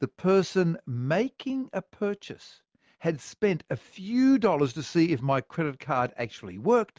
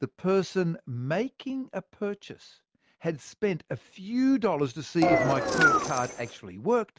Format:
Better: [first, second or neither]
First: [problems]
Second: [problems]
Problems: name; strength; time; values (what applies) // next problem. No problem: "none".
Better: first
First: none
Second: background sound (Engine); 4 dB above the speech